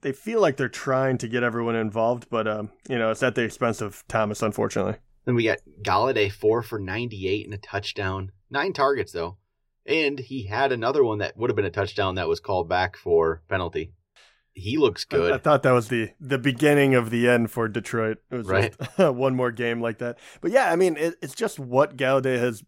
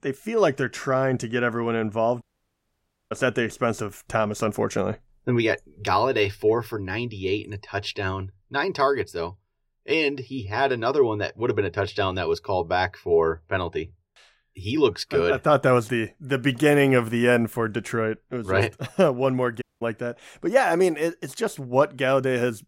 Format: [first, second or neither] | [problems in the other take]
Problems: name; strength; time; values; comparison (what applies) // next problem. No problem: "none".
first | audio cutting out; at 2 s for 1 s and at 20 s